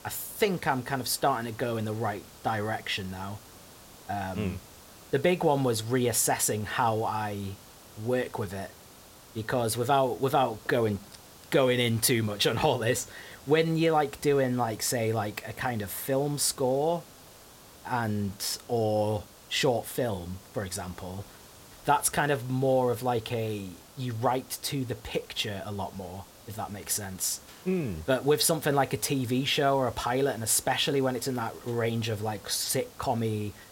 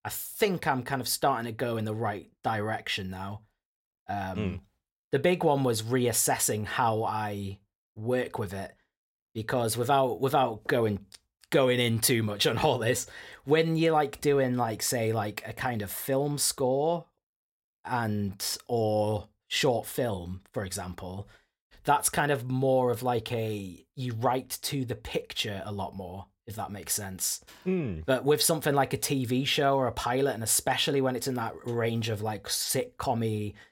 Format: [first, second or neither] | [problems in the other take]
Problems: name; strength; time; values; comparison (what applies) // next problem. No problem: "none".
second | hiss; faint; throughout; 20 dB below the speech